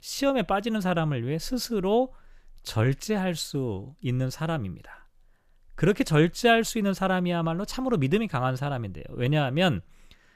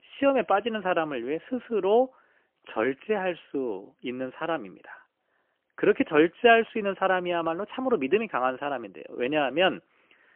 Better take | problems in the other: first | phone-call audio; poor line; nothing above 3 kHz

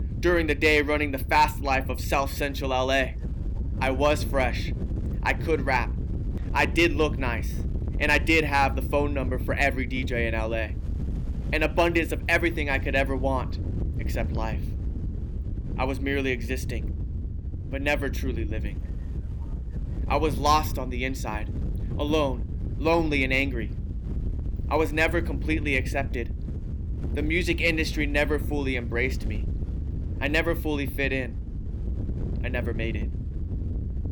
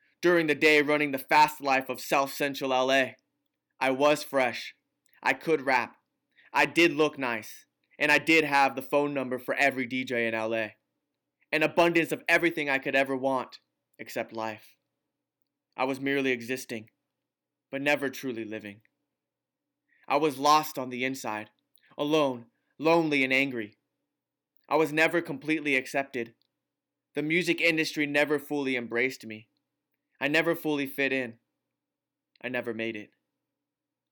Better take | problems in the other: second | wind noise on the microphone; occasional gusts; 20 dB below the speech

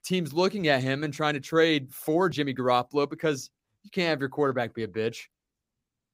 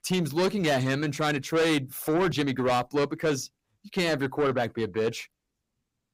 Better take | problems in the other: first | distortion; heavy; 8 dB below the speech

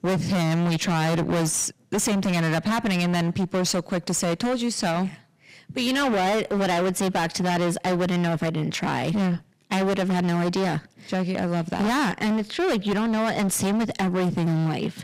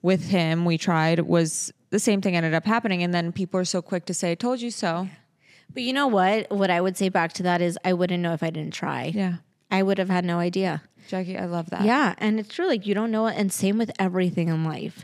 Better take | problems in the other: second | distortion; heavy; 35% of the sound clipped

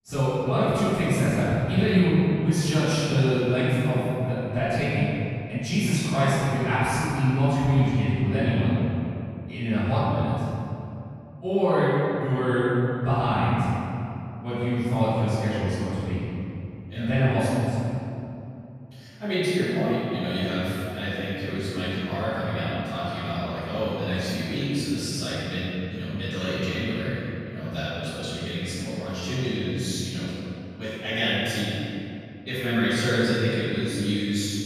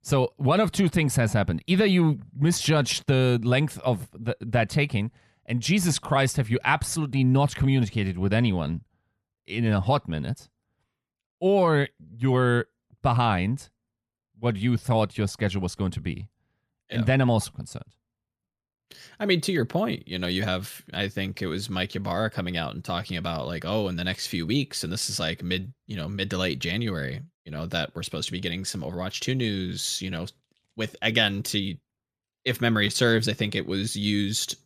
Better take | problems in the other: second | off-mic speech; far // room echo; strong; dies away in 2.6 s

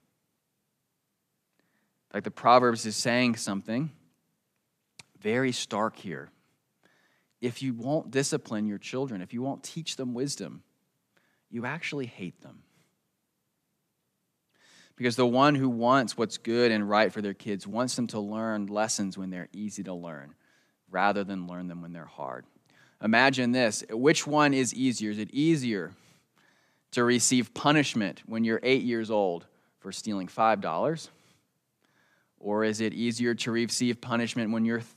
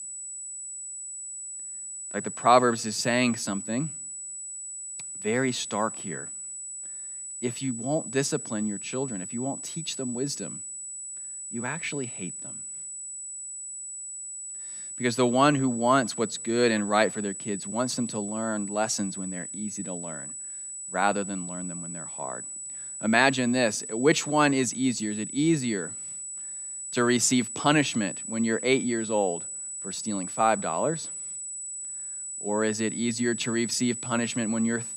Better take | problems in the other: first | high-pitched whine; loud; throughout; 8 kHz, 8 dB below the speech

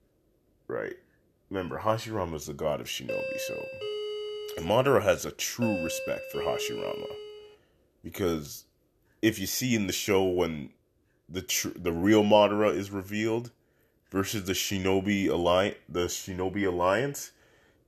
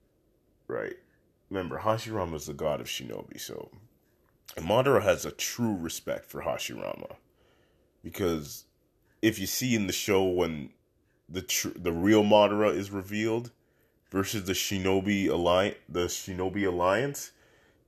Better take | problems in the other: second | doorbell; noticeable; from 3 to 7.5 s; peak 5 dB below the speech

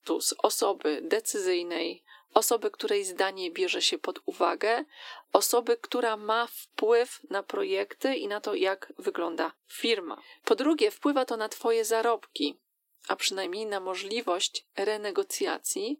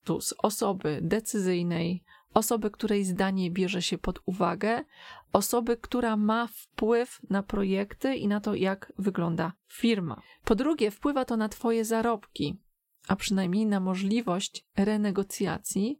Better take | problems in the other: second | thin; somewhat; fading below 300 Hz

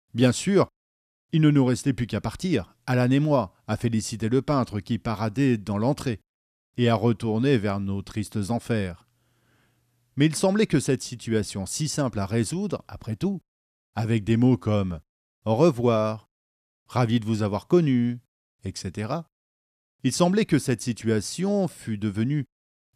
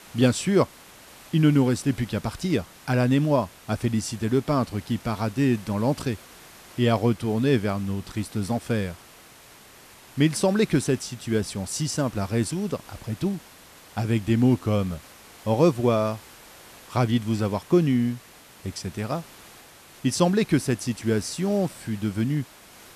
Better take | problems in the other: first | hiss; faint; throughout; 20 dB below the speech

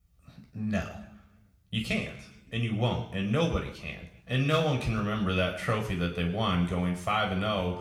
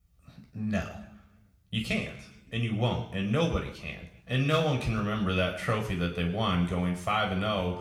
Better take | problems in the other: neither | room echo; slight; dies away in 0.6 s; the same in both // off-mic speech; somewhat distant; the same in both

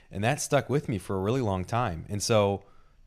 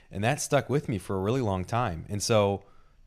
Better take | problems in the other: neither | none

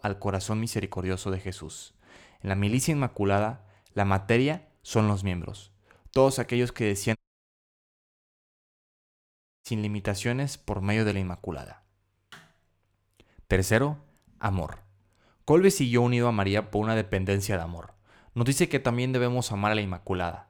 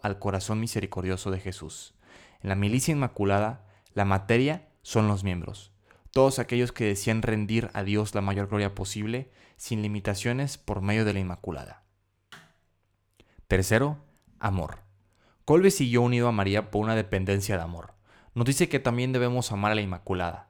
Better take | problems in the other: second | audio cutting out; at 7 s for 2.5 s

